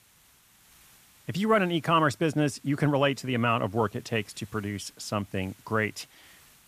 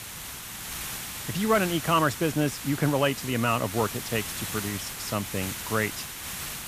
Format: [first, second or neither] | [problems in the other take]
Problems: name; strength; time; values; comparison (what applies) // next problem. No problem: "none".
first | hiss; loud; throughout; 6 dB below the speech; faint in the first